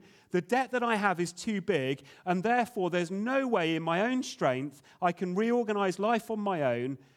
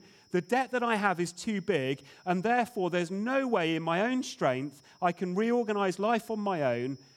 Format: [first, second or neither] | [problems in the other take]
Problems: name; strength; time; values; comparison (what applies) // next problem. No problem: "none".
first | high-pitched whine; faint; throughout; 5 kHz, 30 dB below the speech